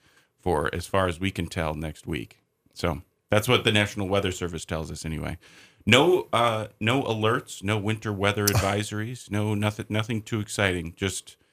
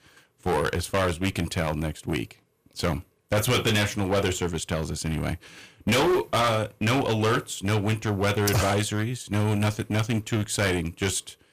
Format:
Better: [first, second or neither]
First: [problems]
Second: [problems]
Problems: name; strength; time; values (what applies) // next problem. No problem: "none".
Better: first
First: none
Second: distortion; heavy; 12% of the sound clipped